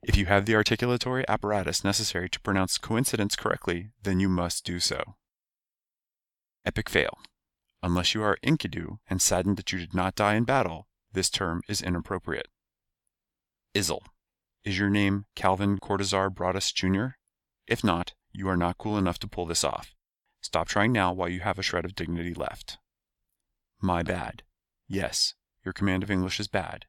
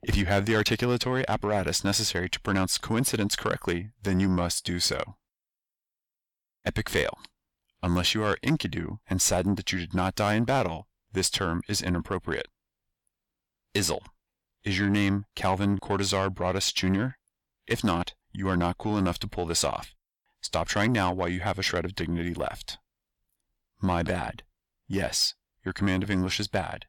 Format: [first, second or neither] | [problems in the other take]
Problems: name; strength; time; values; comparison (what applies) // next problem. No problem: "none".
first | distortion; slight; 10 dB below the speech